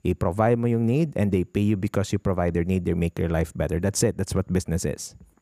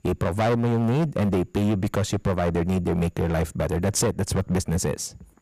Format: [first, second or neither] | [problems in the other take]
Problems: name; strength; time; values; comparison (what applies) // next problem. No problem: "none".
first | distortion; heavy; 17% of the sound clipped